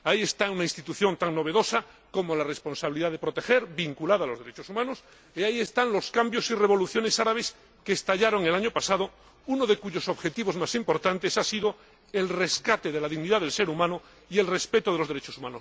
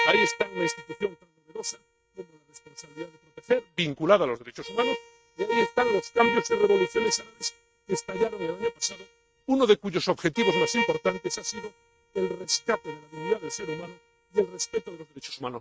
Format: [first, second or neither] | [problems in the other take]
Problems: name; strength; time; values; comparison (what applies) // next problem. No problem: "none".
first | noise reduction (neural mask model RNNoise)